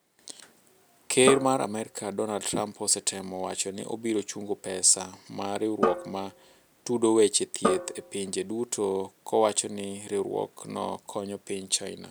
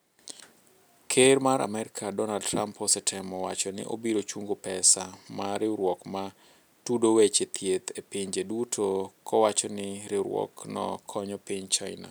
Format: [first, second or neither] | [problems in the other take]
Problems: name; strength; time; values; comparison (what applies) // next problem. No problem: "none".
second | background sound (Drum); 6 dB below the speech